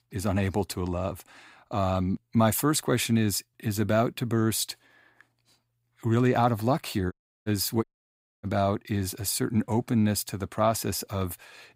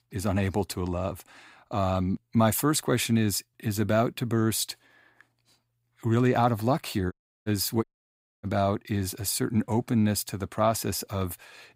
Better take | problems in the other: neither | audio cutting out; at 7 s and at 8 s for 0.5 s; the same in both

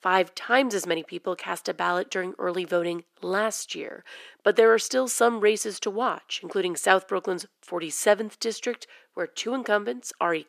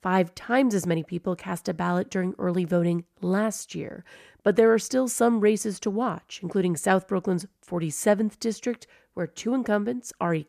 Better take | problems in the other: second | thin; somewhat; fading below 350 Hz

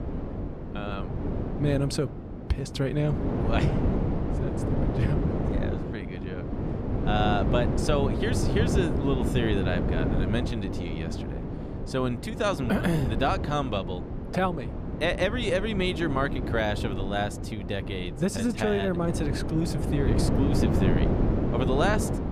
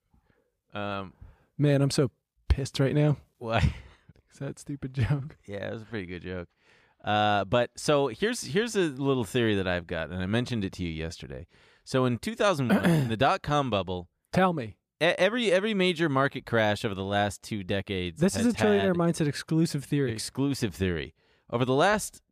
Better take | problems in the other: second | wind noise on the microphone; heavy; 5 dB below the speech

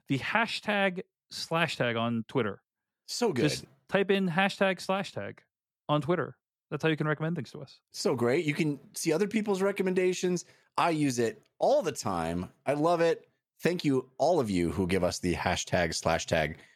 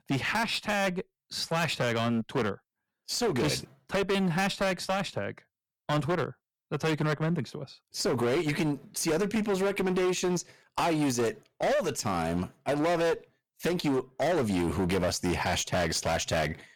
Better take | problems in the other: first | distortion; heavy; 18% of the sound clipped

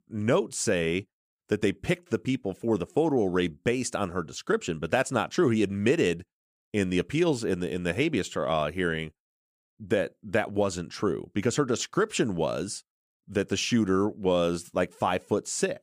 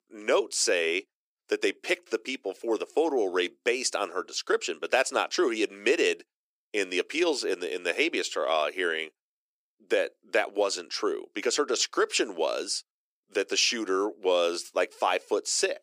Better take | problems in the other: first | thin; somewhat; fading below 350 Hz

